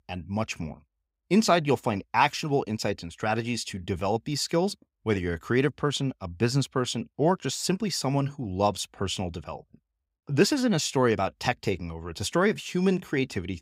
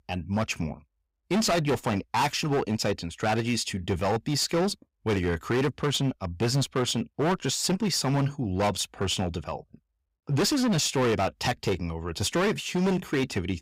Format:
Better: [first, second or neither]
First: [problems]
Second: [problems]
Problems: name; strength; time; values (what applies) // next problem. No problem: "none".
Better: first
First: none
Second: distortion; heavy; 13% of the sound clipped